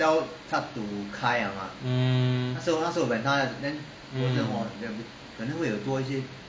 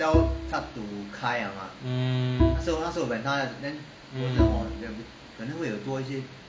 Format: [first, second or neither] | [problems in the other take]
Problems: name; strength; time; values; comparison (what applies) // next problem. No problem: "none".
first | background sound (Bowed string instrument); as loud as the speech